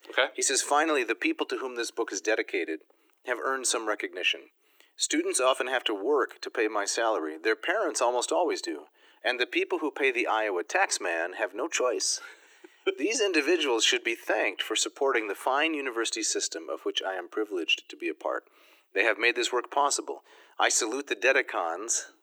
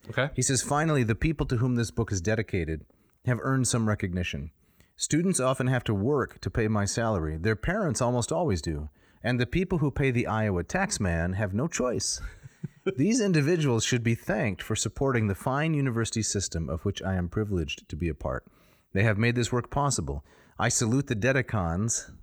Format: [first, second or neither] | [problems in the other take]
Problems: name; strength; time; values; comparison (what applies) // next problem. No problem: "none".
second | thin; very; fading below 300 Hz